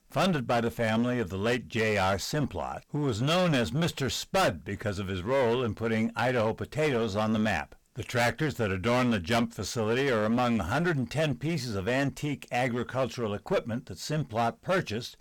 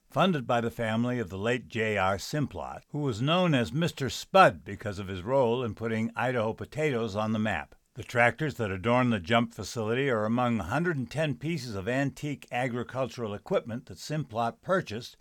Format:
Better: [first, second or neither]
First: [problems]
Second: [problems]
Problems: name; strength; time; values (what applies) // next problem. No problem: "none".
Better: second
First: distortion; heavy; 15% of the sound clipped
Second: none